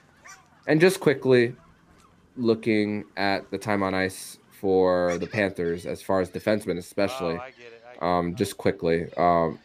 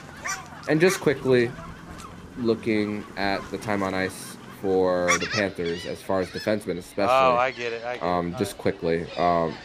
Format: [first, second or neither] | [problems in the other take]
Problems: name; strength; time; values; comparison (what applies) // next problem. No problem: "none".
first | animal sounds; loud; throughout; 3 dB below the speech; faint in the first